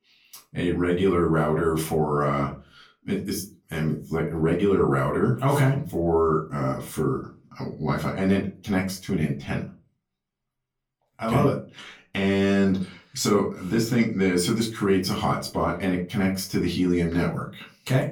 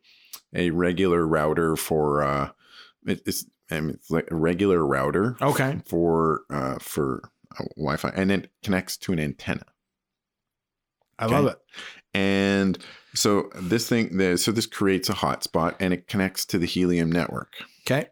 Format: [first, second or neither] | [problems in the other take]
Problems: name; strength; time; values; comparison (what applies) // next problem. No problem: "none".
second | off-mic speech; far // room echo; very slight; dies away in 0.3 s